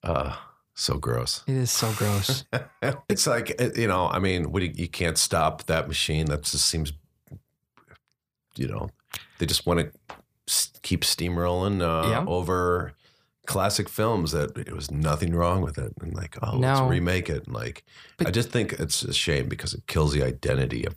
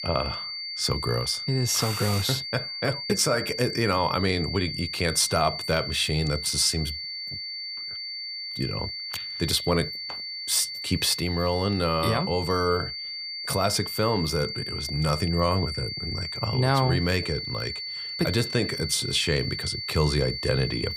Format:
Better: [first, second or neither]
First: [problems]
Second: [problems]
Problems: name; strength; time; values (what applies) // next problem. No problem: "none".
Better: first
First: none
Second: high-pitched whine; loud; throughout; 4.5 kHz, 5 dB below the speech